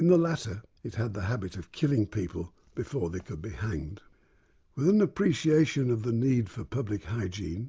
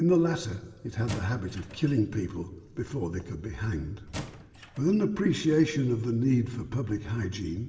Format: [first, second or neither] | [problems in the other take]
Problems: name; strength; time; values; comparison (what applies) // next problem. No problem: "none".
first | background sound (Squeak / Wood); 14 dB below the speech // room echo; dies away in 2.7 s